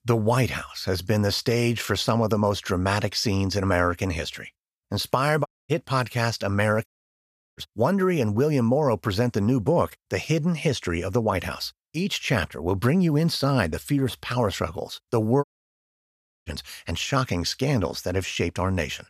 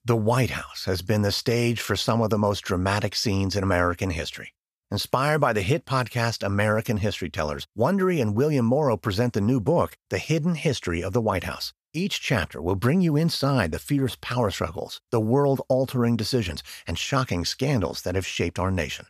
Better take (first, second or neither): second